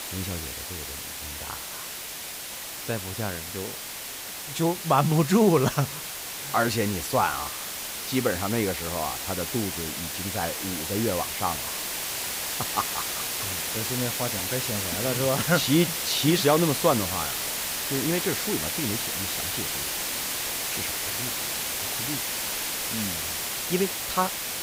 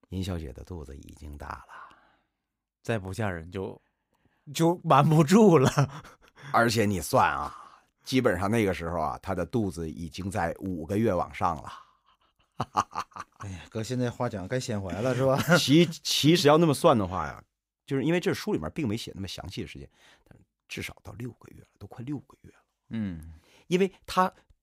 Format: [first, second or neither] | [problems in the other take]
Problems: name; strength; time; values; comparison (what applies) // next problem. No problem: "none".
second | hiss; loud; throughout; 2 dB below the speech